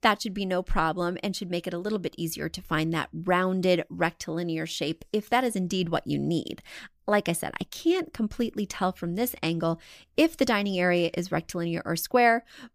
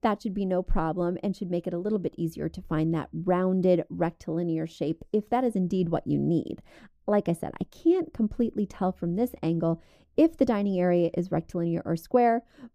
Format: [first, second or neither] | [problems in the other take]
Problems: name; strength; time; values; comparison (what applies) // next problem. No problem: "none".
first | muffled; slightly; fading above 1 kHz